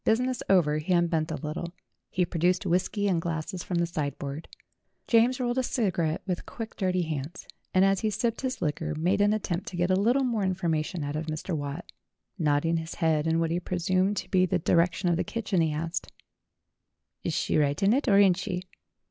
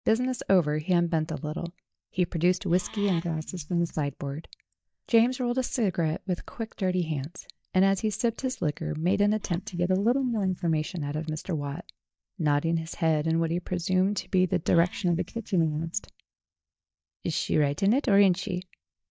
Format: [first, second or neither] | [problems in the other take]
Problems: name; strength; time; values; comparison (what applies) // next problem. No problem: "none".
first | noise reduction (neural mask model DeepFilterNet 3)